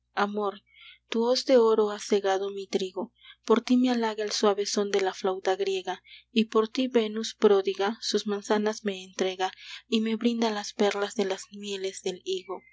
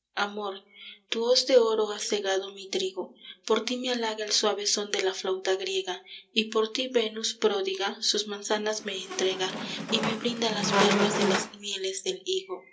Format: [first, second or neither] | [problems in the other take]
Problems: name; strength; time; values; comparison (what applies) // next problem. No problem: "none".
first | background sound (Squeak); 1 dB below the speech // room echo; dies away in 0.2 s